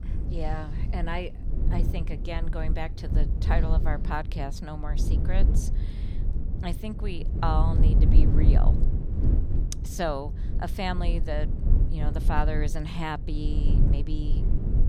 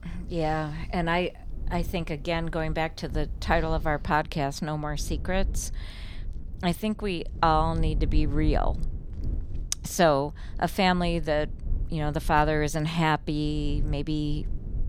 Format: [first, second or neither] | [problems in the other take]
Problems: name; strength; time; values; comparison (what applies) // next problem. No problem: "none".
second | low rumble; loud; throughout; 7 dB below the speech; faint in the second